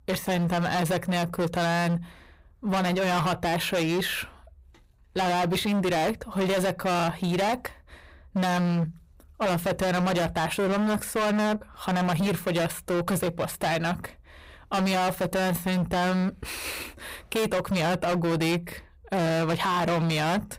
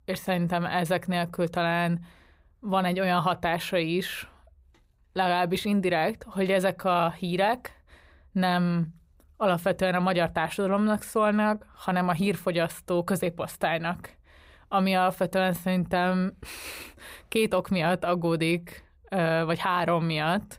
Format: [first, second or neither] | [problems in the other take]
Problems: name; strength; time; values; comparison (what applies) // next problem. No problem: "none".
second | distortion; heavy; 27% of the sound clipped